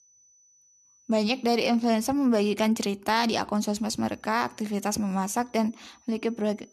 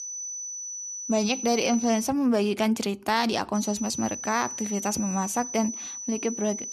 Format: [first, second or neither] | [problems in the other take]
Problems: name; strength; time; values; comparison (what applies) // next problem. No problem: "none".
first | high-pitched whine; loud; until 2 s and from 3.5 s on; 6 kHz, 7 dB below the speech; faint in the first